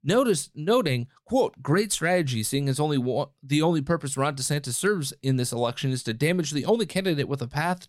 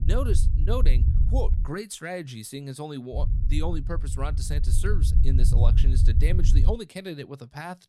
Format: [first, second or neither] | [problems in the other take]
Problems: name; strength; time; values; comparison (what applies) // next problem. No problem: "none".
first | low rumble; loud; until 1.5 s and from 3 to 6.5 s; 7 dB below the speech